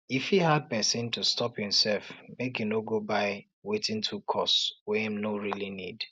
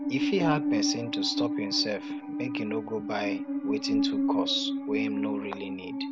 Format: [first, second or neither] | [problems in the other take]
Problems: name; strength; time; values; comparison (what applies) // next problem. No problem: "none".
first | background sound (Musical instrument); 2 dB above the speech